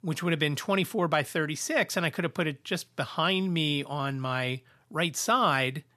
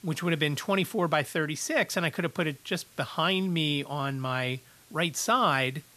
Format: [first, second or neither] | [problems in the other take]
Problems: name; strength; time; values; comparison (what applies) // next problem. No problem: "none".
first | hiss; faint; throughout; 25 dB below the speech